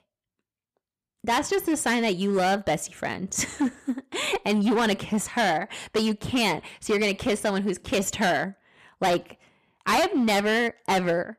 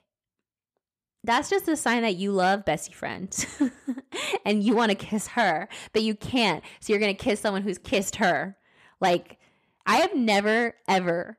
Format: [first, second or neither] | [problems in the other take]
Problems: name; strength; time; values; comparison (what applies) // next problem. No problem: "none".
second | distortion; slight; 12% of the sound clipped